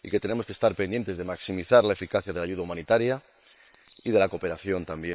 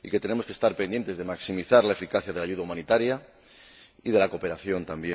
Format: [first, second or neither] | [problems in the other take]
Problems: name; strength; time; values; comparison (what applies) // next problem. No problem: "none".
second | noise reduction (neural separator model SepFormer WHAM!)